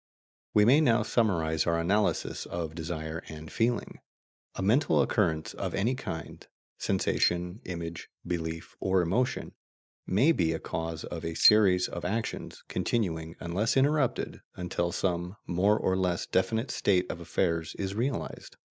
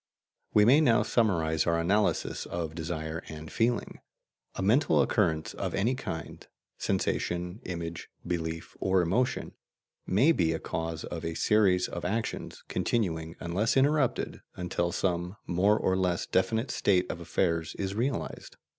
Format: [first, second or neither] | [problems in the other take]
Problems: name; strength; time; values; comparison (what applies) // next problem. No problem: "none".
second | noise reduction (neural mask model DeepFilterNet 3)